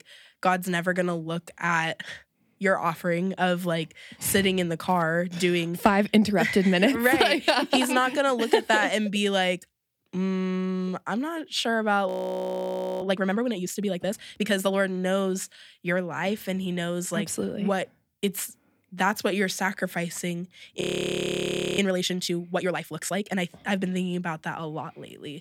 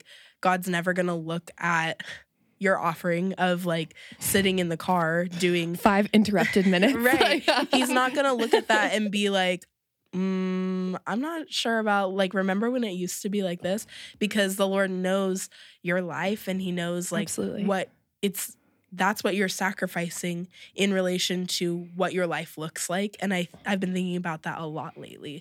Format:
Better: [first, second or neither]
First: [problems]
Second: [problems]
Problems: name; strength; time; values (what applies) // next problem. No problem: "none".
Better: second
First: audio freezing; at 12 s for 1 s and at 21 s for 1 s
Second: none